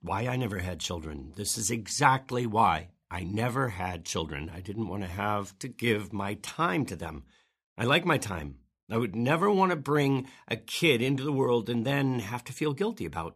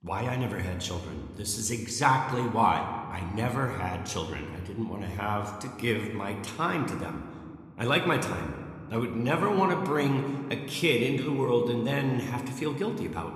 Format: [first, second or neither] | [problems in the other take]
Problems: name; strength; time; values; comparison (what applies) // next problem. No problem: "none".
first | room echo; slight; dies away in 1.5 s